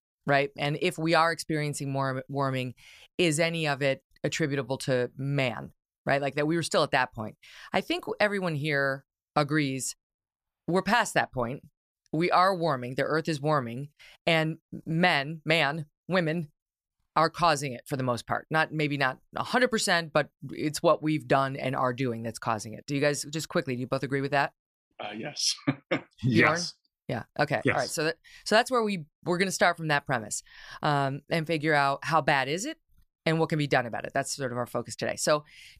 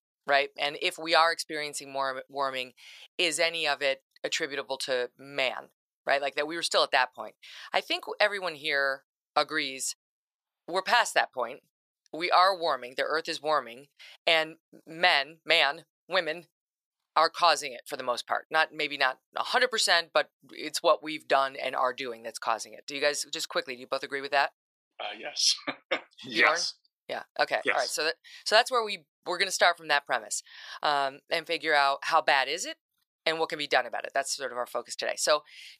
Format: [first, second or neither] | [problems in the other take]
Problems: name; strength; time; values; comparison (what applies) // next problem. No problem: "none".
first | thin; very; fading below 600 Hz